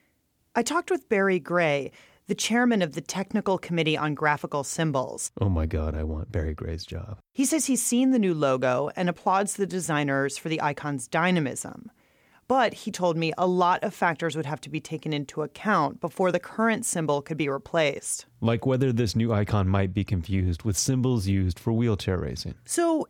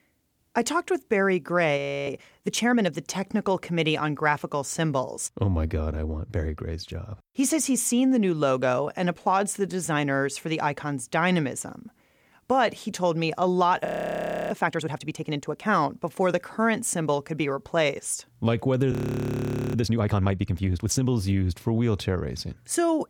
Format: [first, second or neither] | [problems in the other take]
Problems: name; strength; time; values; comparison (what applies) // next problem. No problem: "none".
first | audio freezing; at 2 s, at 14 s for 0.5 s and at 19 s for 1 s